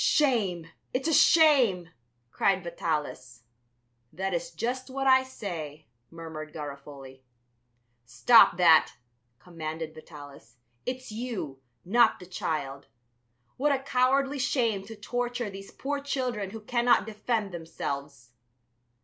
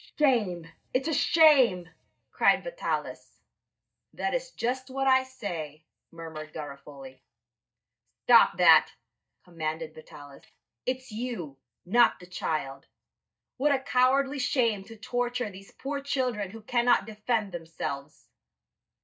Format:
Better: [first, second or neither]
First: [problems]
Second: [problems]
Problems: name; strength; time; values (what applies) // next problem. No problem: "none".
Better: first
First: none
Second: noise reduction (neural mask model DeepFilterNet 3)